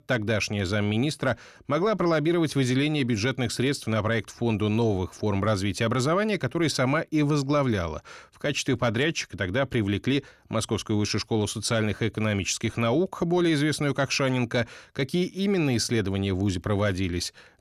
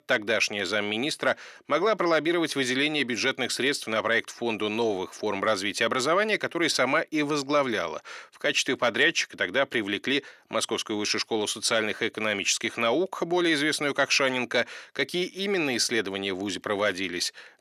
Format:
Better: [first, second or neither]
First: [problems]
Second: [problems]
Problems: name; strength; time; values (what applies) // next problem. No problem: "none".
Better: first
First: none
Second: thin; somewhat; fading below 350 Hz